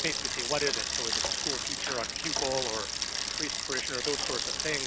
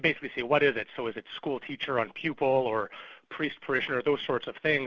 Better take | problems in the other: second | background sound (Bicycle); 4 dB above the speech

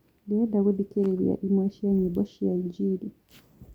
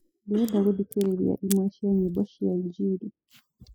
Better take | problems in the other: first | noise reduction (classical method spectral subtraction)

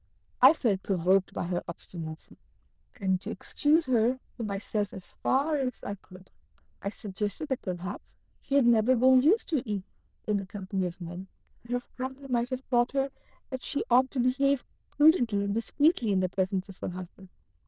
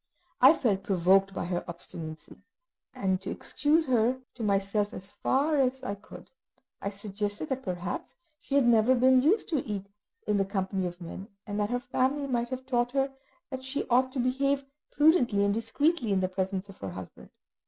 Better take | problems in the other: second | noise reduction (neural diffusion model UNIVERSE++)

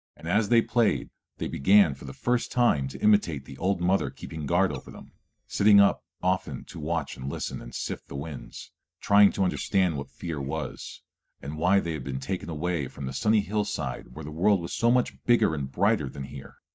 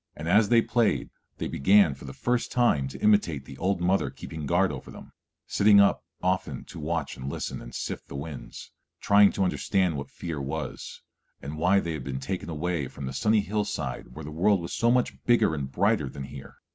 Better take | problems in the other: second | noise reduction (neural mask model DeepFilterNet 3)

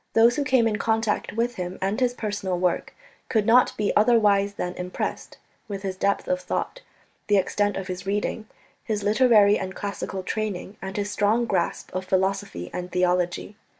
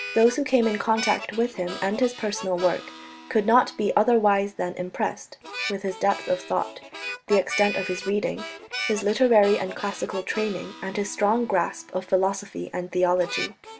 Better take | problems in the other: first | background sound (Harmonica); 12 dB below the speech

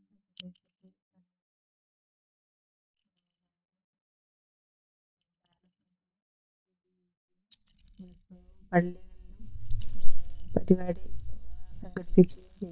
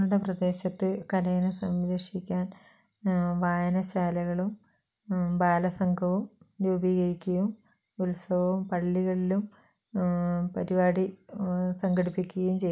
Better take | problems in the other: second | noise reduction (neural mask model DeepFilterNet 3)

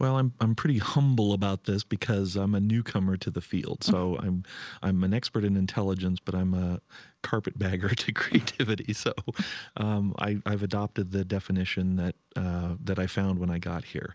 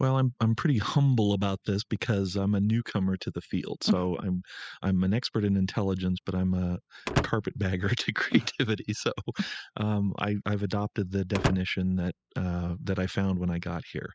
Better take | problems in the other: first | noise reduction (classical method spectral subtraction)

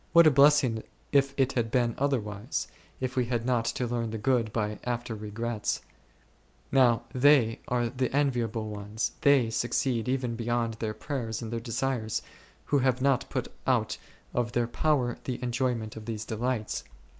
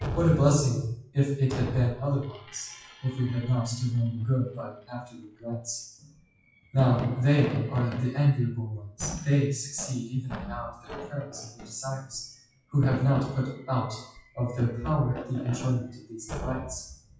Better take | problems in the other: first | noise reduction (classical method WPE with log-MMSE)

